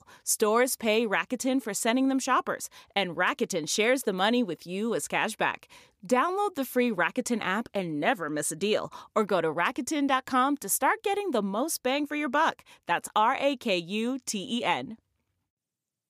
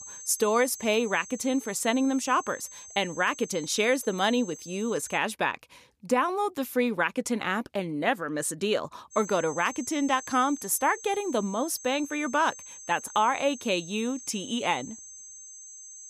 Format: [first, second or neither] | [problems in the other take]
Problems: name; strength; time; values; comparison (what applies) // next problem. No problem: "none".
first | high-pitched whine; noticeable; until 5 s and from 9 s on; 6.5 kHz, 15 dB below the speech